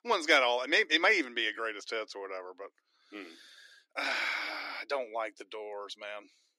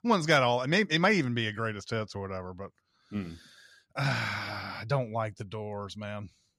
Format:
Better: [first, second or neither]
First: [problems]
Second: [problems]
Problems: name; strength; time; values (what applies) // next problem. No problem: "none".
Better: second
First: thin; very; fading below 300 Hz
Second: none